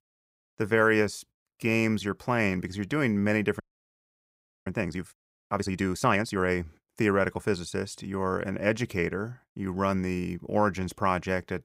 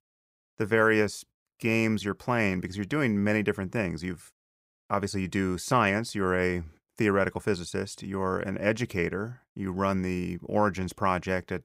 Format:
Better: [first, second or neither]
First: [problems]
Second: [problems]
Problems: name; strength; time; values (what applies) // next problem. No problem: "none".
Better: second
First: audio freezing; at 3.5 s for 1 s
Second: none